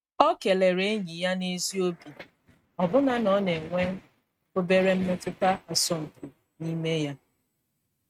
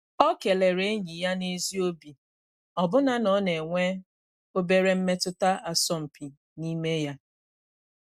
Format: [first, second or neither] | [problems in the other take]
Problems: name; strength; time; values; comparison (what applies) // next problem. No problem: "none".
second | noise reduction (neural mask model RNNoise)